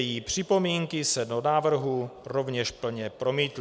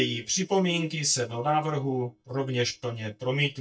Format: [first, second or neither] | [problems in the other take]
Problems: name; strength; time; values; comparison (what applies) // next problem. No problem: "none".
first | noise reduction (neural mask model DeepFilterNet 3)